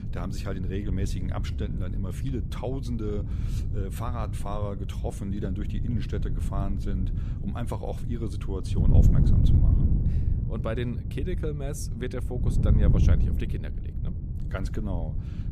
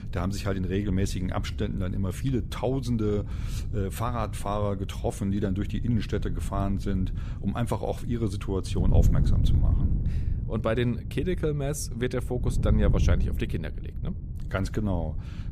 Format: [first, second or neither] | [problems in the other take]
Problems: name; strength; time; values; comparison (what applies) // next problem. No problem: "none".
second | wind noise on the microphone; heavy; 4 dB below the speech; occasional gusts in the second